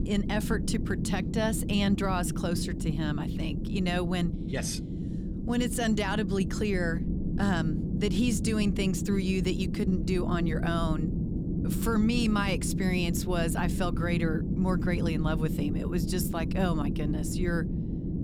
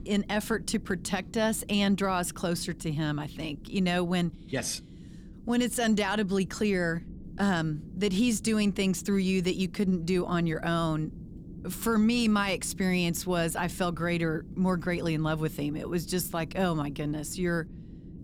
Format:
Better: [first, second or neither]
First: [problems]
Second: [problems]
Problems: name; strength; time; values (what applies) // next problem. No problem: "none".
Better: second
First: low rumble; loud; throughout; 7 dB below the speech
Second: low rumble; faint; throughout; 20 dB below the speech